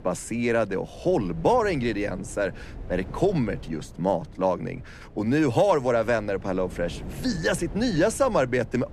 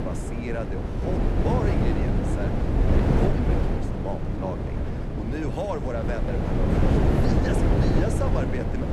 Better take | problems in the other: first | wind noise on the microphone; heavy; 3 dB above the speech; occasional gusts in the first

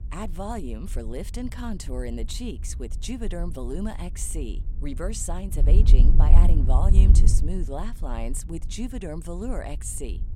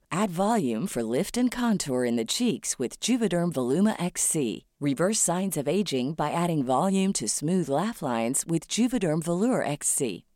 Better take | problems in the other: second | wind noise on the microphone; heavy; 7 dB below the speech

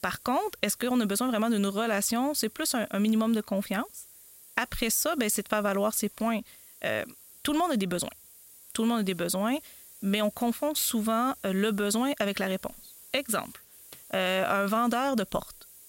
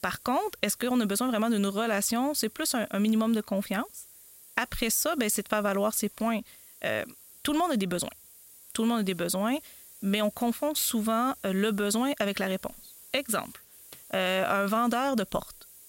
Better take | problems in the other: neither | hiss; faint; throughout; 20 dB below the speech; the same in both

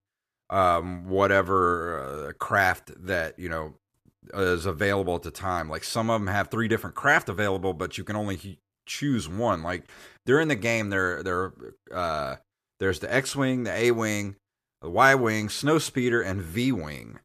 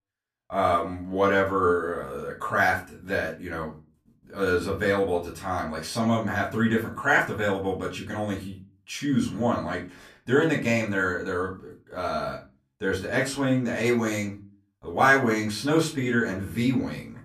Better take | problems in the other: first | off-mic speech; far // room echo; very slight; dies away in 0.3 s

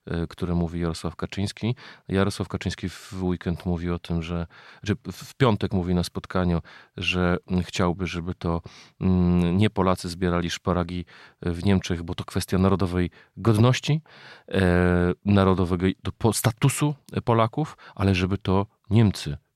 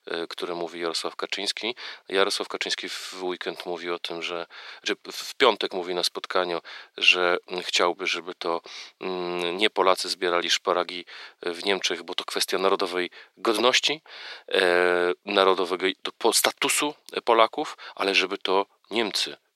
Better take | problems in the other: first | thin; very; fading below 350 Hz

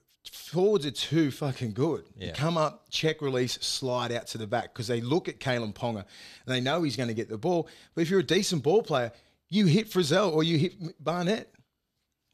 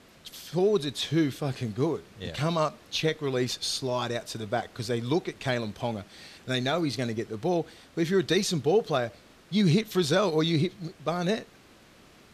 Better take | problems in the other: first | hiss; faint; throughout; 25 dB below the speech

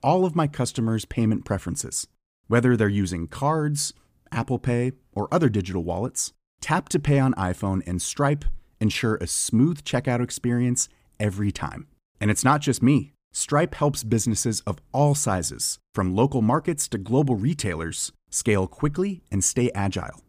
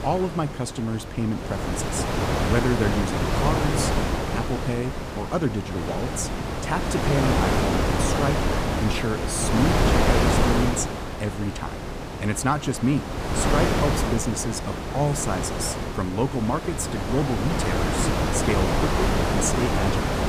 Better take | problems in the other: first | wind noise on the microphone; heavy; 3 dB above the speech

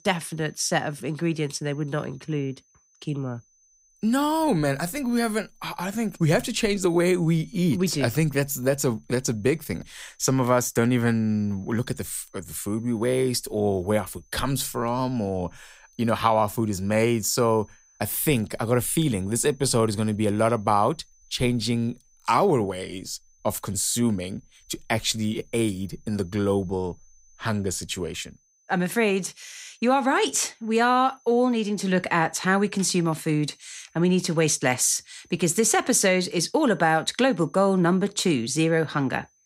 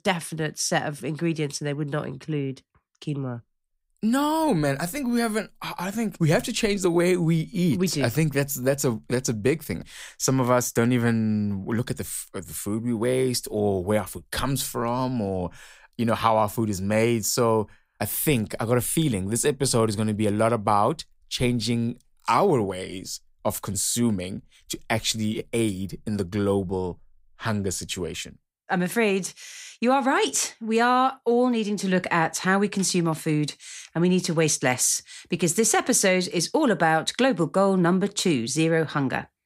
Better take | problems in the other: second | high-pitched whine; faint; throughout; 6 kHz, 35 dB below the speech

